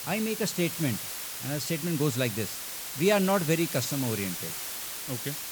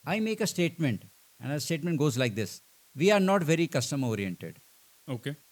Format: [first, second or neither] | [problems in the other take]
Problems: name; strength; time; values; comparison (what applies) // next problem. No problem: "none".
second | hiss; loud; throughout; 4 dB below the speech; faint in the second